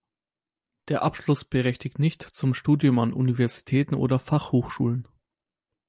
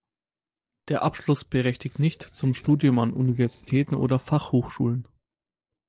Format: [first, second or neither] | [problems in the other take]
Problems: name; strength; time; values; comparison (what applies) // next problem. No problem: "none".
first | noise reduction (neural separator model SepFormer DNS4)